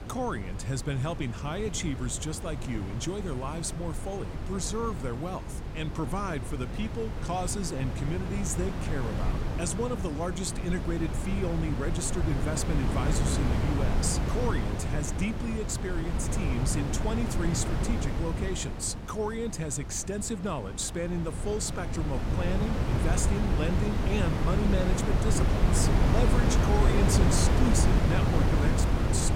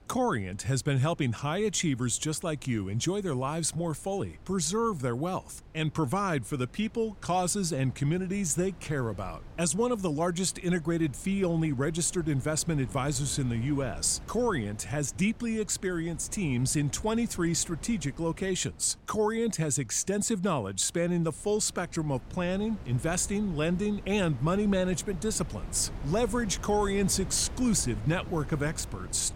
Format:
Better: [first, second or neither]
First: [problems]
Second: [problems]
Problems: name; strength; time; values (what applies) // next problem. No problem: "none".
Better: second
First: wind noise on the microphone; heavy; 1 dB below the speech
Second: wind noise on the microphone; occasional gusts; 20 dB below the speech